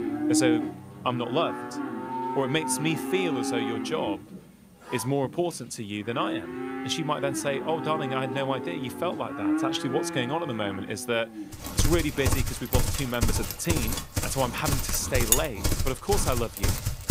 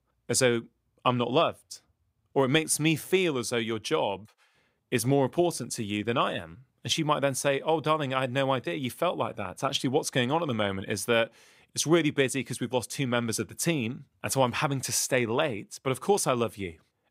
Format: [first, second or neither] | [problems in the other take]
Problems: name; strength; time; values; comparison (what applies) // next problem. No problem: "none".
second | animal sounds; loud; throughout; 1 dB below the speech